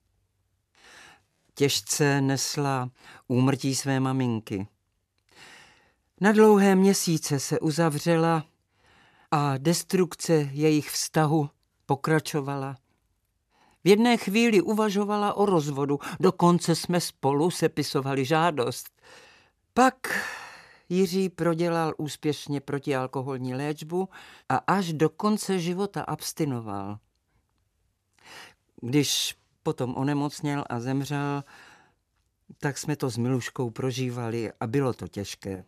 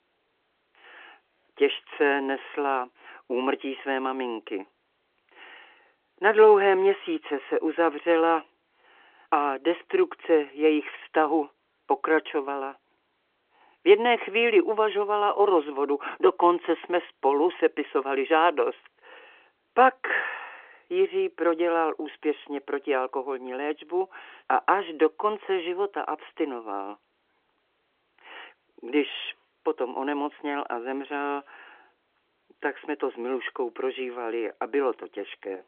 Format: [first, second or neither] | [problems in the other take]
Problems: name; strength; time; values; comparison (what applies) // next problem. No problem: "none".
first | phone-call audio